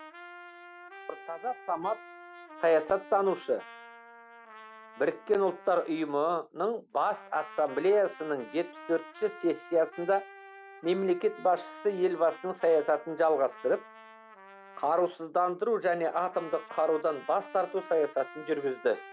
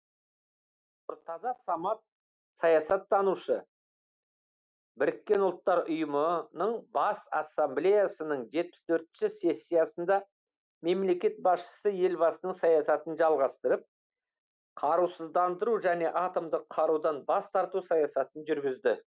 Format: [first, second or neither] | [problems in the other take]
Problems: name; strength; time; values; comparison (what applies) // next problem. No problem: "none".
second | background sound (Trumpet); 19 dB below the speech